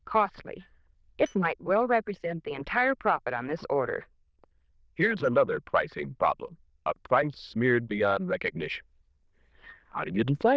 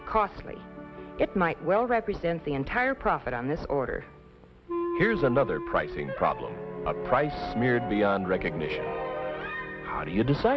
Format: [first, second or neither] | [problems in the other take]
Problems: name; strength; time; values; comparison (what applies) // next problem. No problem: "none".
second | noise reduction (neural diffusion model UNIVERSE++)